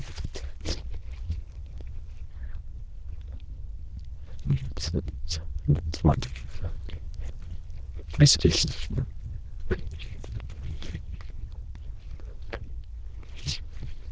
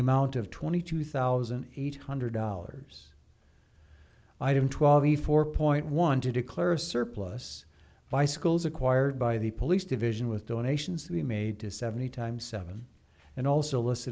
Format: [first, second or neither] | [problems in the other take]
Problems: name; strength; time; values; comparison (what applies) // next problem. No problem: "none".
second | noise reduction (neural diffusion model UNIVERSE++)